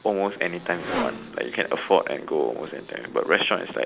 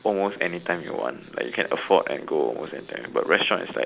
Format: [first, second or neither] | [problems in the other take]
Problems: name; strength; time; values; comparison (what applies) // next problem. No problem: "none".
second | background sound (Motorcycle); 13 dB below the speech